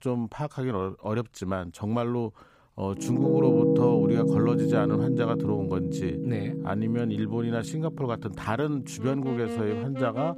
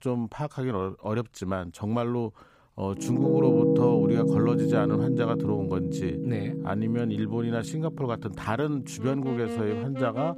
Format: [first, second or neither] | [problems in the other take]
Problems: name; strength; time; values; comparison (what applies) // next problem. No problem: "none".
neither | background music; very loud; from 3 s on; 2 dB above the speech; the same in both